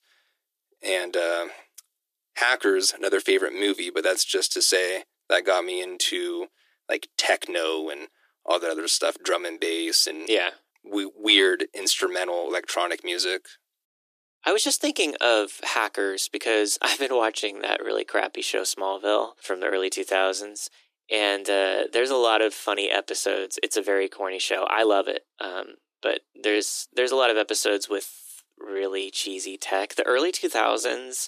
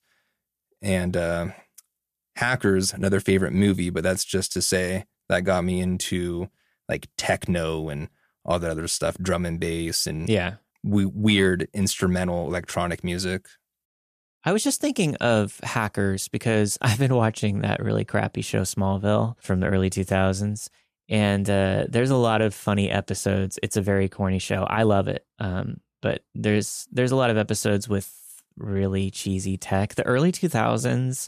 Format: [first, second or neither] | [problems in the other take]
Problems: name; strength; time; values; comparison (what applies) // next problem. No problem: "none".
second | thin; very; fading below 300 Hz